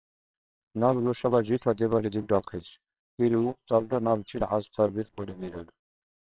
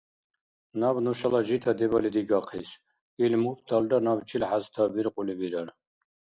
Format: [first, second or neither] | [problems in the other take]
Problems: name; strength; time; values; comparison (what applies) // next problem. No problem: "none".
second | noise reduction (neural separator model SepFormer WHAMR!)